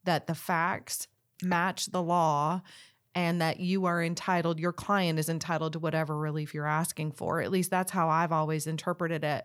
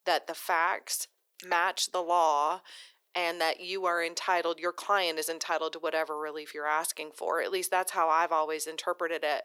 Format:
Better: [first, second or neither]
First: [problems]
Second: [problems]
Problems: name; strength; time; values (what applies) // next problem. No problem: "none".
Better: first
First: none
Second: thin; very; fading below 350 Hz